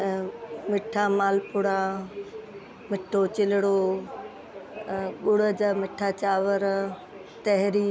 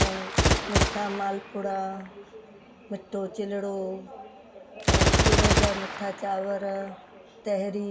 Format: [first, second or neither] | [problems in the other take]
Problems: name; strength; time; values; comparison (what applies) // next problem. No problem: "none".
first | background sound (Gunshot, gunfire); 4 dB above the speech // room echo; dies away in 0.3 s